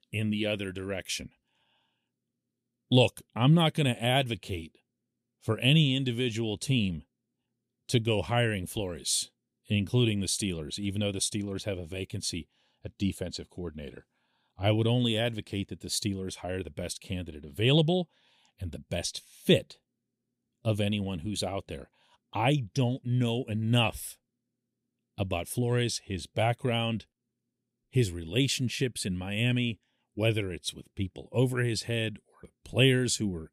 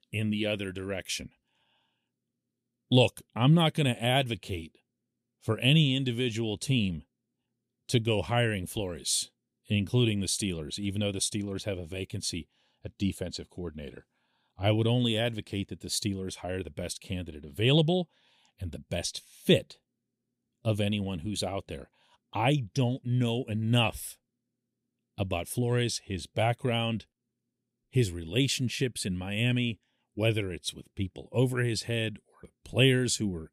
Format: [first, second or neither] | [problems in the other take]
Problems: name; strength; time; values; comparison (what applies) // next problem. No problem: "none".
neither | none